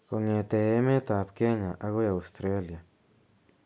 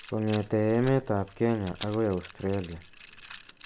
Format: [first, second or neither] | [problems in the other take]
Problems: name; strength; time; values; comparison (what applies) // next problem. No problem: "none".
first | background sound (Rattle); 18 dB below the speech